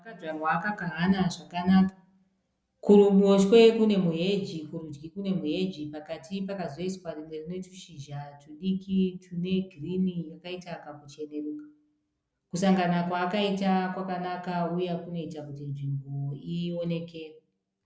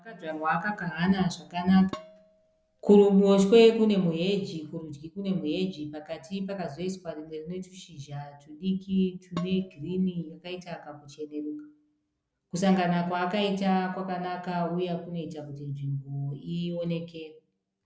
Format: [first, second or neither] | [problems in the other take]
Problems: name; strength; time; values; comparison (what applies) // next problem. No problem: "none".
first | background sound (Dishes, pots, and pans); 18 dB below the speech